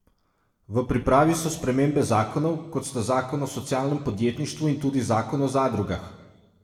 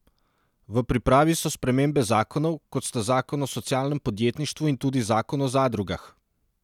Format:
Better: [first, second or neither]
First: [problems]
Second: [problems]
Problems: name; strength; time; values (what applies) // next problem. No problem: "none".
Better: second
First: room echo; dies away in 0.9 s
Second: none